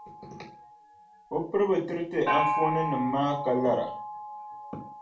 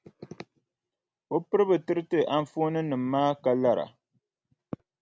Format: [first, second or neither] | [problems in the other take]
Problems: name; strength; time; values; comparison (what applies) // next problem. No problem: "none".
second | background sound (Gong); 4 dB below the speech // room echo; dies away in 0.3 s